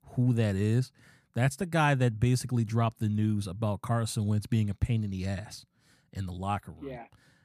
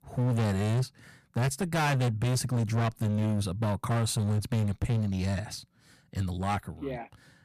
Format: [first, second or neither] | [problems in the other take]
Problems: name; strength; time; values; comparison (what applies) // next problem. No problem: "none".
first | distortion; heavy; 20% of the sound clipped